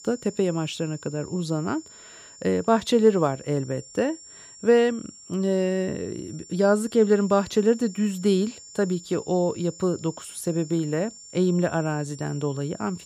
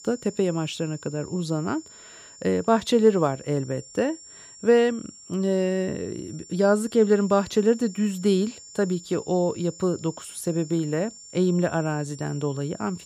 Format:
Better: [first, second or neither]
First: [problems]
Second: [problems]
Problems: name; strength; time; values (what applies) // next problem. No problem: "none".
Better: neither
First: high-pitched whine; noticeable; throughout; 7 kHz, 20 dB below the speech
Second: high-pitched whine; noticeable; throughout; 7 kHz, 20 dB below the speech